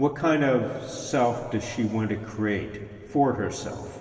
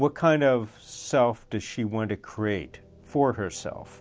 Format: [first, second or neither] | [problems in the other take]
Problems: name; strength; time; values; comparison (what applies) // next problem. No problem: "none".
second | room echo; dies away in 2.9 s